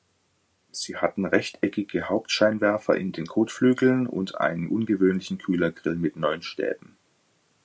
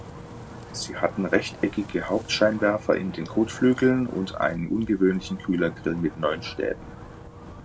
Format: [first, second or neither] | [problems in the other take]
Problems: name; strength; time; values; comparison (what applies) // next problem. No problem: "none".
first | background sound (Wind); 15 dB below the speech